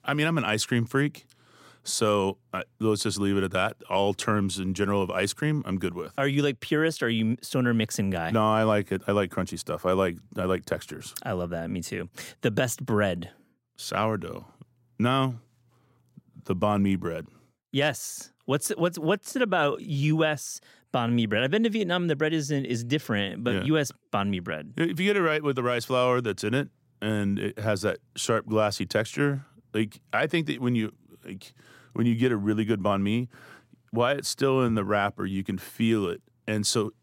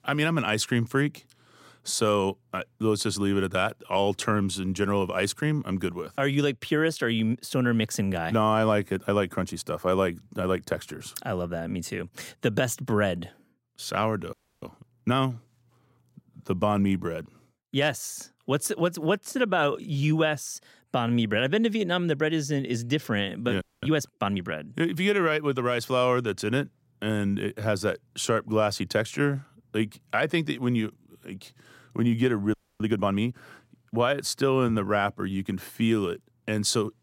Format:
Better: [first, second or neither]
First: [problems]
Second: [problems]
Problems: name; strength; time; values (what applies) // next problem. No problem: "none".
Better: first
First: none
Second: audio freezing; at 14 s, at 24 s and at 33 s